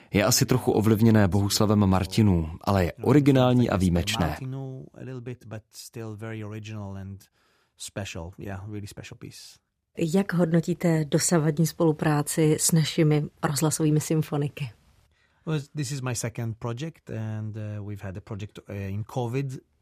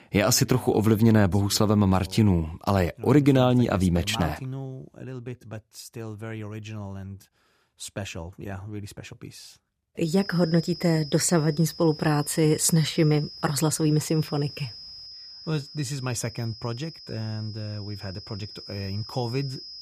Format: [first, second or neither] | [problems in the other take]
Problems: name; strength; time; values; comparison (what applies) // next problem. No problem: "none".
first | high-pitched whine; noticeable; from 10 s on; 5 kHz, 15 dB below the speech